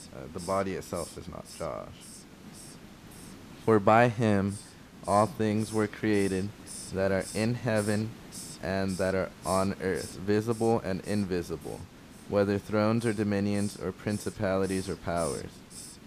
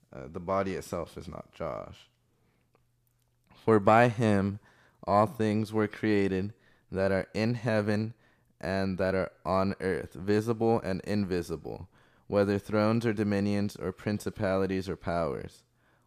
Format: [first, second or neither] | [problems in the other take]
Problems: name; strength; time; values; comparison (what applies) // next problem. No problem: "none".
second | hiss; noticeable; throughout; 15 dB below the speech